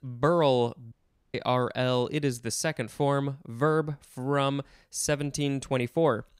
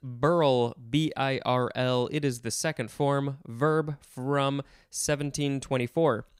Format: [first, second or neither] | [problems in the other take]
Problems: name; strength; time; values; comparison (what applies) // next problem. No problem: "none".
second | audio cutting out; at 1 s